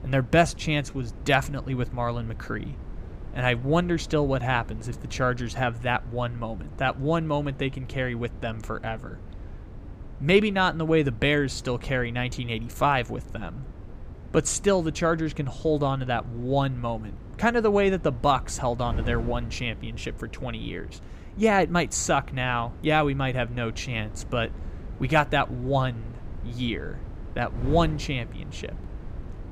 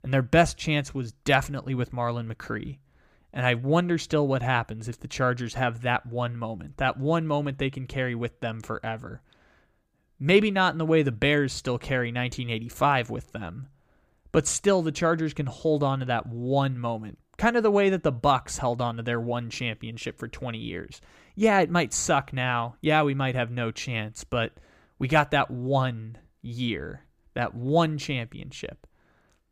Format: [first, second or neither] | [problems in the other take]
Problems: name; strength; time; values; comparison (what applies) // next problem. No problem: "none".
second | wind noise on the microphone; occasional gusts; 25 dB below the speech